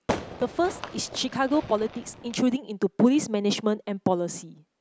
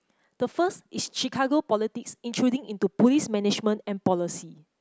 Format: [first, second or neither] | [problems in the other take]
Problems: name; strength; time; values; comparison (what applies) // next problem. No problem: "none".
second | background sound (Fireworks); 10 dB below the speech